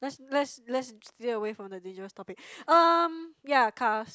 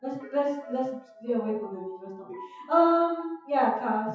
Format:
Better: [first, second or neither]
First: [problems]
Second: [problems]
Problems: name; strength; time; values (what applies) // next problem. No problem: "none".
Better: first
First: none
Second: noise reduction (classical method WPE with log-MMSE)